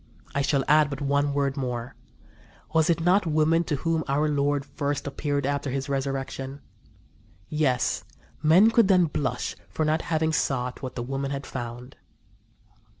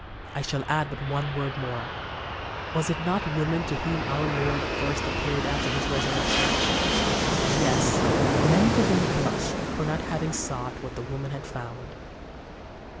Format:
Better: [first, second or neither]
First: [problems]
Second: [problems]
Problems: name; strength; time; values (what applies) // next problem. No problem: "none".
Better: first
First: none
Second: background sound (Fixed-wing aircraft, airplane); 3 dB above the speech